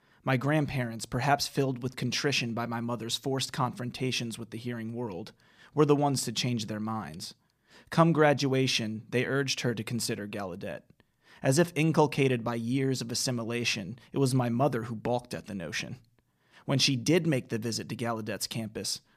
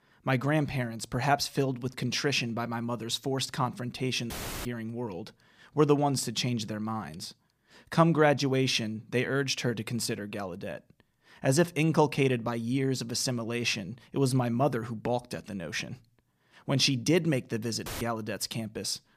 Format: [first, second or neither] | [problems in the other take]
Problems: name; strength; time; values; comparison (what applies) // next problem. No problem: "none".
first | audio cutting out; filled with static; at 4.5 s and at 18 s